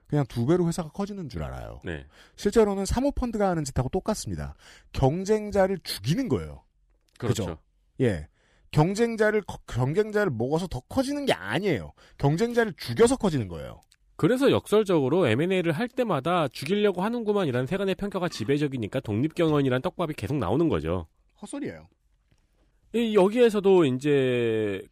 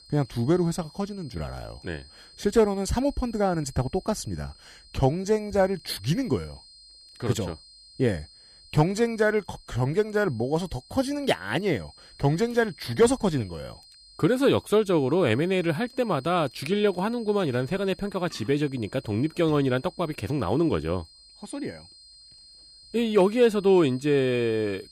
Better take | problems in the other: first | high-pitched whine; faint; throughout; 4 kHz, 25 dB below the speech

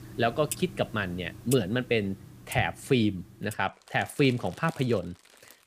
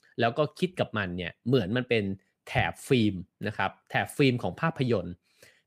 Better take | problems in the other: second | household noises; noticeable; throughout; 15 dB below the speech

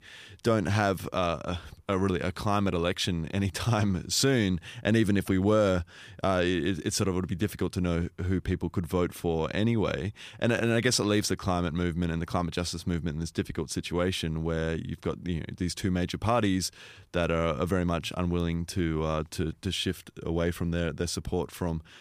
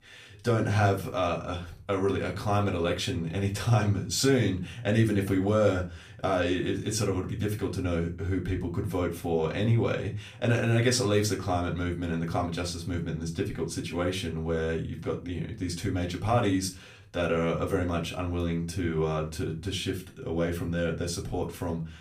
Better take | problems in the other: first | off-mic speech; somewhat distant // room echo; very slight; dies away in 0.3 s

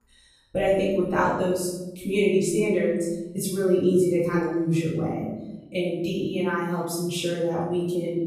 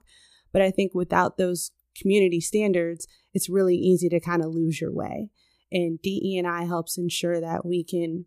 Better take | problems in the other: second | off-mic speech; far // room echo; noticeable; dies away in 0.9 s

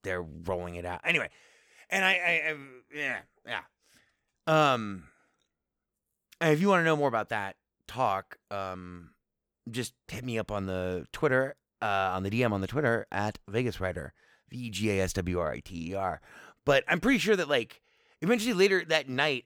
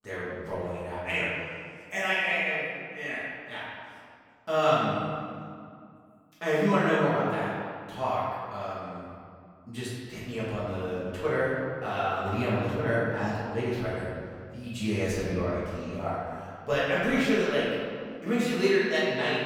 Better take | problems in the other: first | off-mic speech; far // room echo; strong; dies away in 2 s

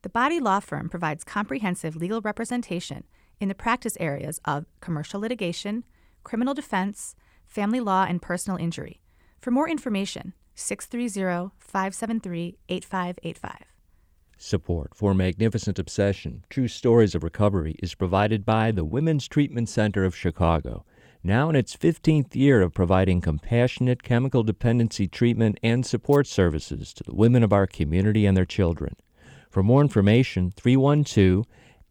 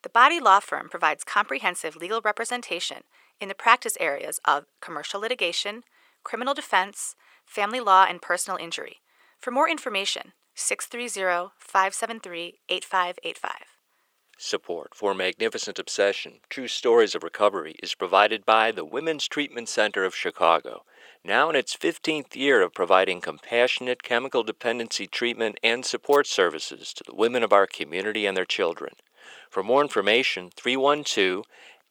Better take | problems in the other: first | thin; very; fading below 450 Hz

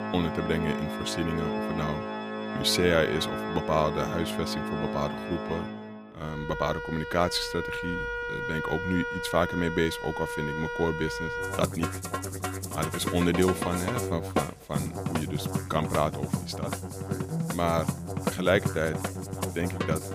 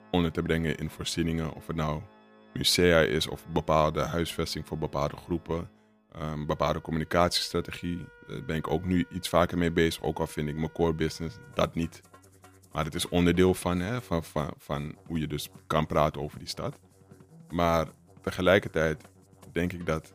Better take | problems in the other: second | background music; loud; throughout; 3 dB below the speech; faint in the second

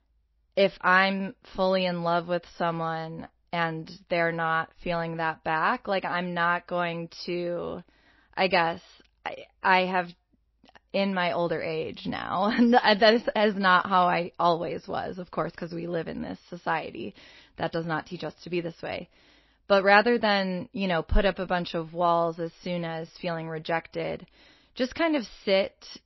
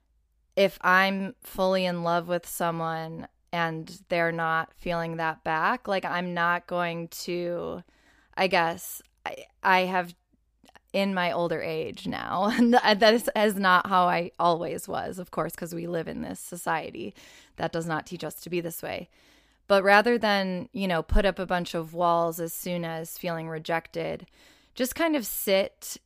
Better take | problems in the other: second | garbled, watery; slightly; nothing above 5 kHz

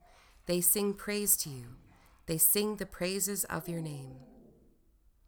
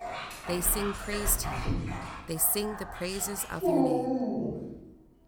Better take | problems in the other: first | animal sounds; loud; throughout; 3 dB below the speech; faint in the first

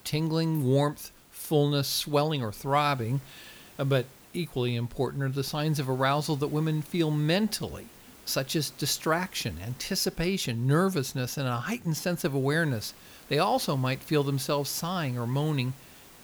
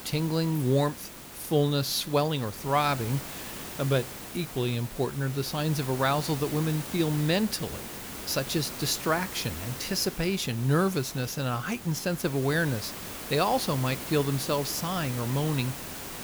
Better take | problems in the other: first | hiss; loud; throughout; 10 dB below the speech; faint in the first

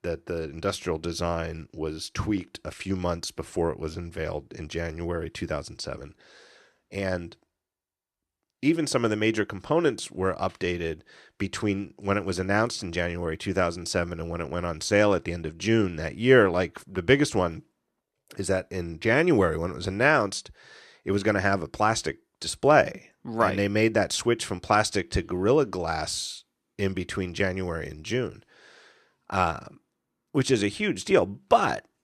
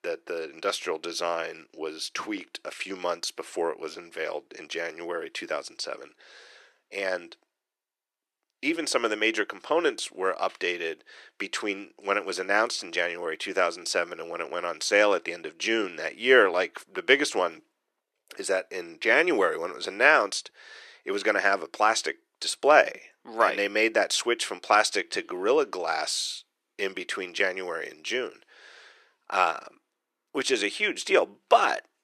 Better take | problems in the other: first | thin; somewhat; fading below 400 Hz

